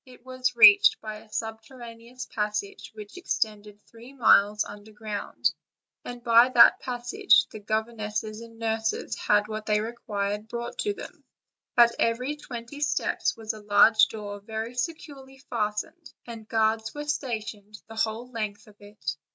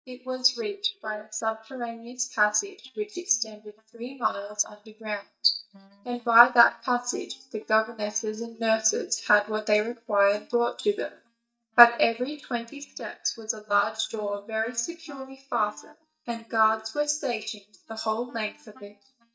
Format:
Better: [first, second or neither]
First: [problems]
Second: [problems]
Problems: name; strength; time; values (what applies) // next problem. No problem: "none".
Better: first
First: none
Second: noise reduction (neural mask model DeepFilterNet 3)